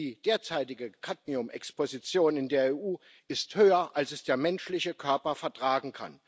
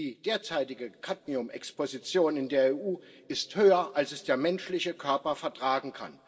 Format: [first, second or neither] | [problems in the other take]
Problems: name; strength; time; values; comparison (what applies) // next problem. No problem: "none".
first | room echo; dies away in 1.7 s